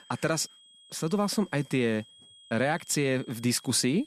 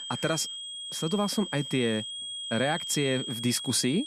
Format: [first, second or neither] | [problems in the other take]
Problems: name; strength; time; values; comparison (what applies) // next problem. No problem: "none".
first | high-pitched whine; loud; throughout; 3.5 kHz, 6 dB below the speech; faint in the first